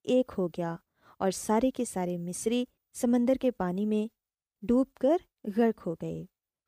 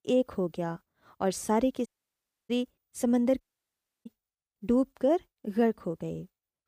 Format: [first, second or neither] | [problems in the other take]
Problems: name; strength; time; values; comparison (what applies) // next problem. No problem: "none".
first | audio cutting out; at 2 s for 0.5 s and at 3.5 s for 0.5 s